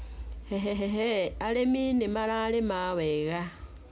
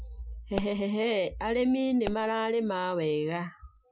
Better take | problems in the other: first | noise reduction (classical method Wiener filter)

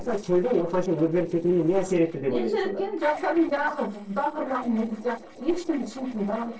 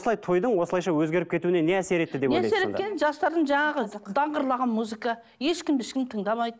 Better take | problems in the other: second | noise reduction (neural separator model SepFormer DNS4)

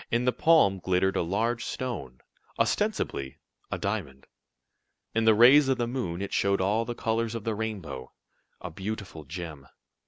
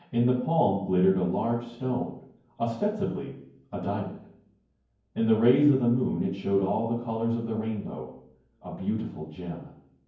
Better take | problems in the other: first | room echo; dies away in 0.9 s

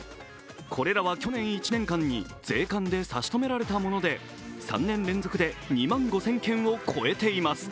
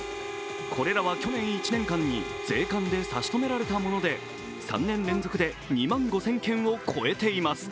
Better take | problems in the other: first | background sound (Brass instrument + Harmonica); 9 dB below the speech

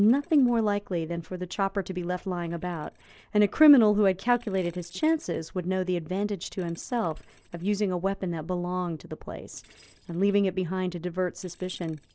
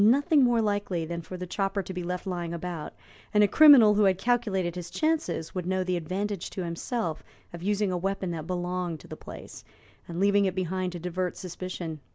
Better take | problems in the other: second | noise reduction (neural separator model SepFormer DNS4)

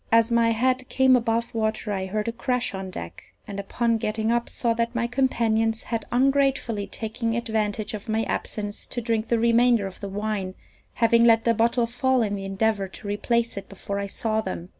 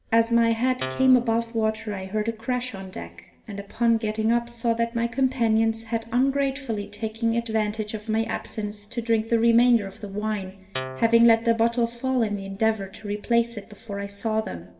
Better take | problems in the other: first | background sound (Guitar); 12 dB below the speech // room echo; dies away in 1.6 s

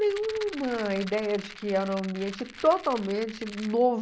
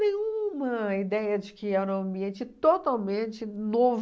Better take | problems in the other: second | background sound (Rattle); 16 dB below the speech

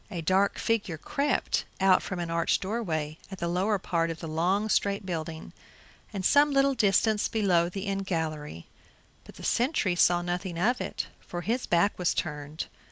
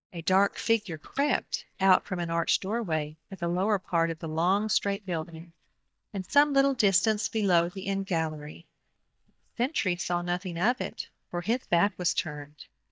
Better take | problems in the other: first | noise reduction (neural mask model DeepFilterNet 3)

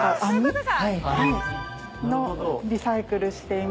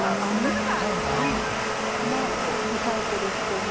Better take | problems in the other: first | background sound (Domestic sounds, home sounds); 3 dB above the speech

